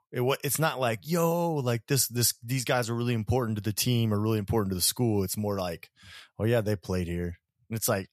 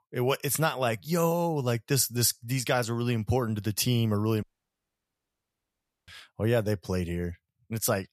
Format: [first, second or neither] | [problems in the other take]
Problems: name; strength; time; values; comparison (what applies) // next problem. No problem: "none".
first | audio cutting out; at 4.5 s for 1.5 s